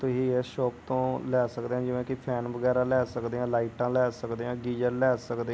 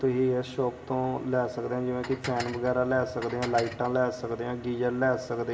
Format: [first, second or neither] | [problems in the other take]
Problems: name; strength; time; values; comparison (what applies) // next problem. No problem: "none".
first | background sound (Dishes, pots, and pans); 13 dB below the speech // room echo; dies away in 2.3 s